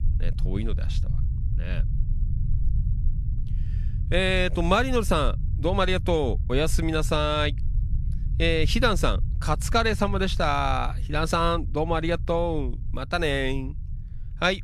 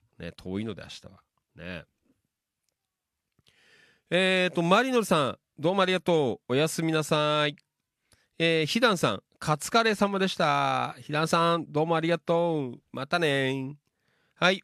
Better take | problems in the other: second | low rumble; faint; throughout; 20 dB below the speech

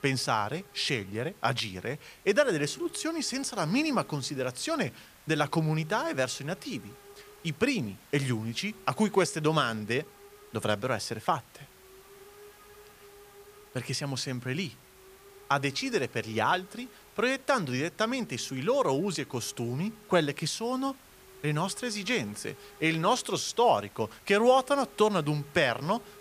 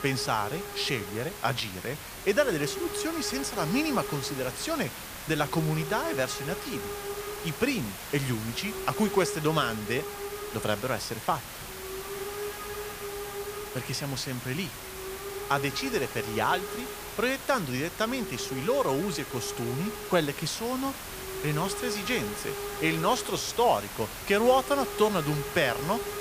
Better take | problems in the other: first | hiss; loud; throughout; 7 dB below the speech; faint in the first

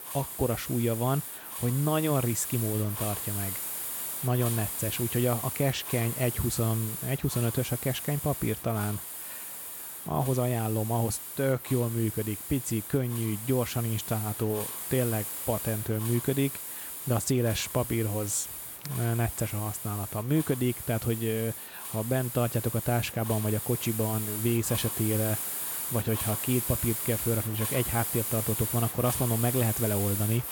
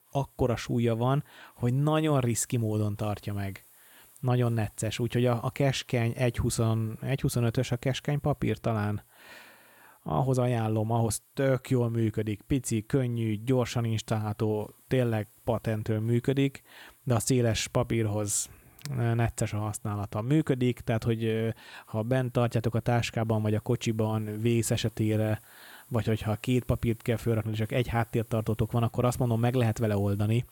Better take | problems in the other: second | hiss; loud; throughout; 4 dB below the speech; faint in the second

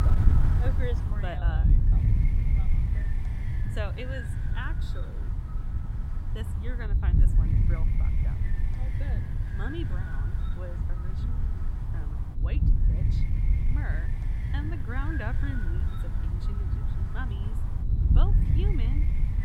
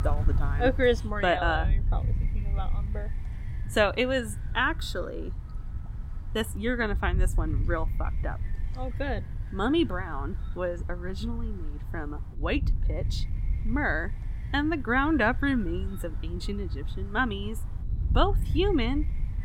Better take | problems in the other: second | wind noise on the microphone; heavy; 1 dB below the speech; occasional gusts in the second

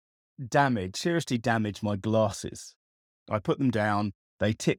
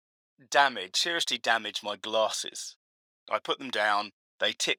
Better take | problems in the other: first | thin; very; fading below 750 Hz

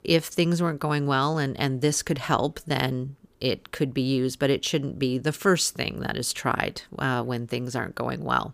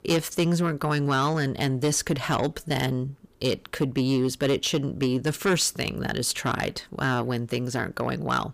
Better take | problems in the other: first | distortion; slight; 10 dB below the speech

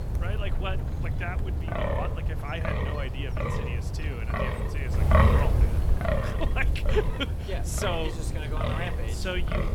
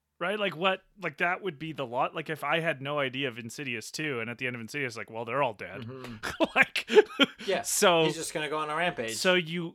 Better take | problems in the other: second | wind noise on the microphone; heavy; 1 dB above the speech

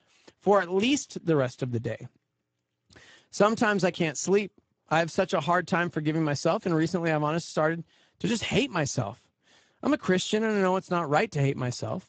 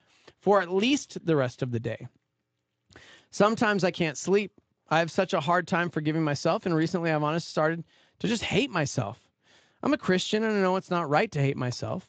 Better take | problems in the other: second | garbled, watery; badly; nothing above 7.5 kHz; slightly in the second

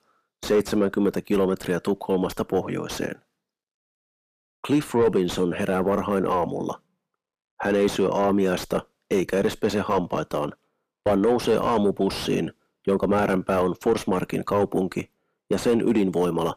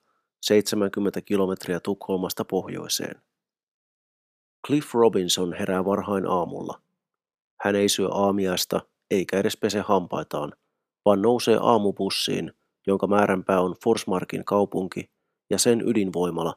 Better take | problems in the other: second | distortion; heavy; 7 dB below the speech

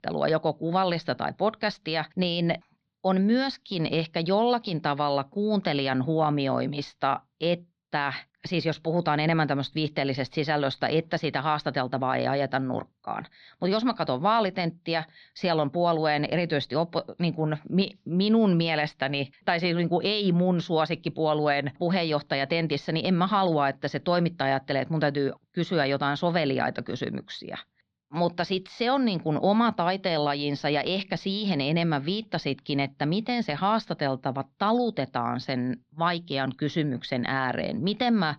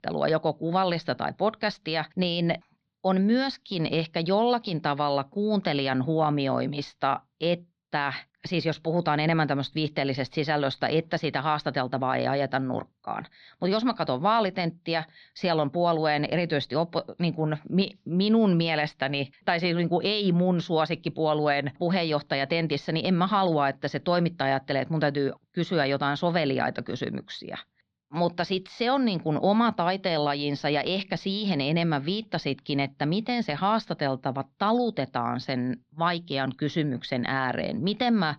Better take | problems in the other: neither | muffled; very slightly; fading above 4 kHz; the same in both

